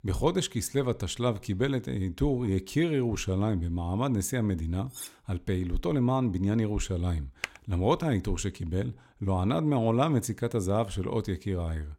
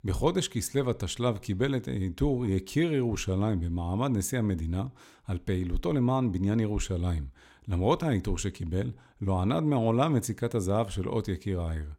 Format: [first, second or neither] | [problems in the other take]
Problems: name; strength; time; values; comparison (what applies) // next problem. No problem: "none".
second | clattering dishes; faint; at 5 s; peak 10 dB below the speech // keyboard typing; very faint; at 7.5 s; peak 9 dB below the speech